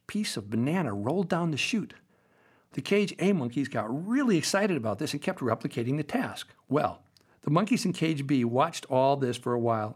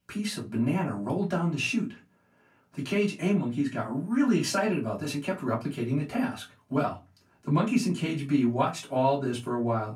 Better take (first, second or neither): first